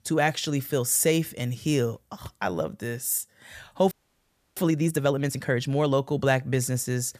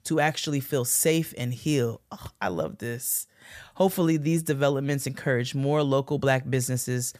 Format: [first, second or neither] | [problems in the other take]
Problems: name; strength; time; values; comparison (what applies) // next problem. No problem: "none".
second | audio freezing; at 4 s for 0.5 s